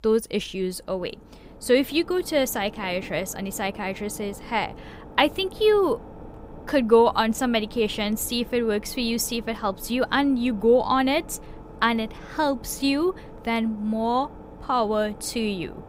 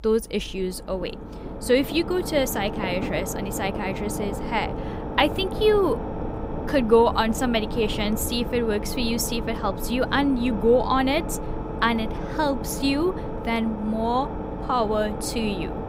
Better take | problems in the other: first | low rumble; loud; throughout; 9 dB below the speech; faint in the first

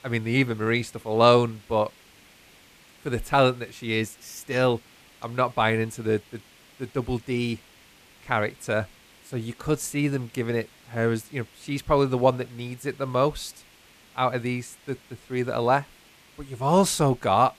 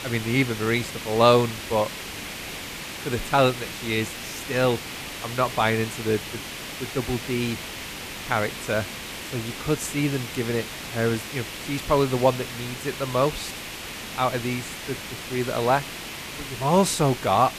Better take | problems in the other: first | hiss; loud; throughout; 8 dB below the speech; faint in the first

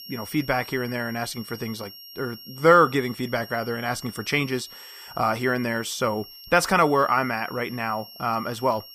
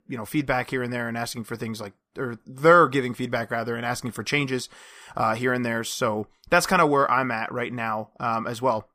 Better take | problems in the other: second | high-pitched whine; noticeable; throughout; 5.5 kHz, 15 dB below the speech

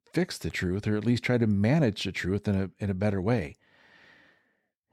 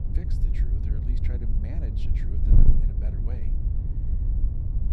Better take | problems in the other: first | wind noise on the microphone; heavy; 5 dB above the speech

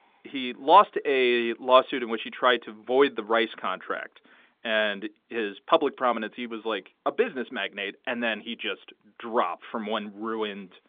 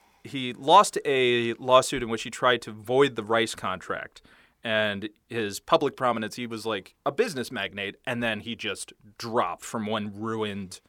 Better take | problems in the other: second | phone-call audio; nothing above 3.5 kHz

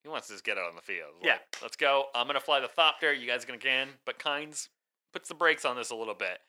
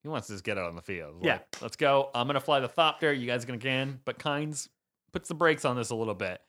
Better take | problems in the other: second | thin; somewhat; fading below 450 Hz

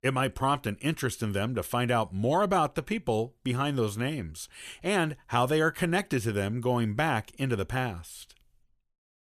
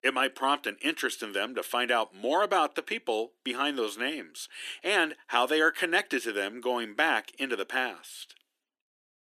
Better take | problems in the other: first | thin; somewhat; fading below 300 Hz

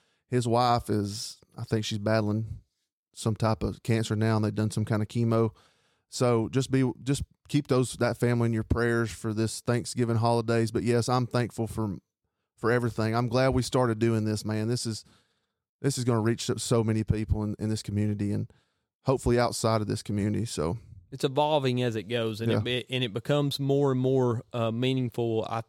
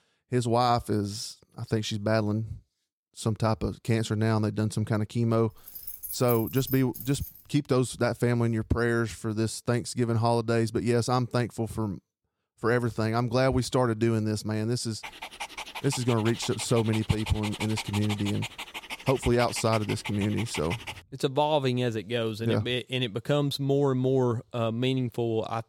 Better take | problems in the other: first | jangling keys; noticeable; from 5.5 to 7.5 s; peak 7 dB below the speech // dog barking; noticeable; from 15 to 21 s; peak 7 dB below the speech

